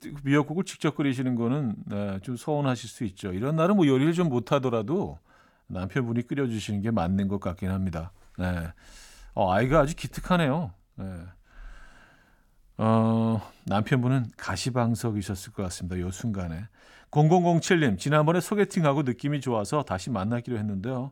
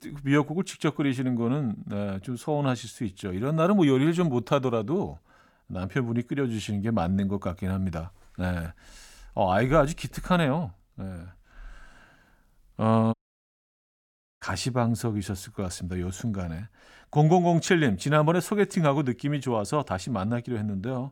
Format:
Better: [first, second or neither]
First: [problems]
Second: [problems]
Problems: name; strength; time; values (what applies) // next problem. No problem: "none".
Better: first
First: none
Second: audio cutting out; at 13 s for 1.5 s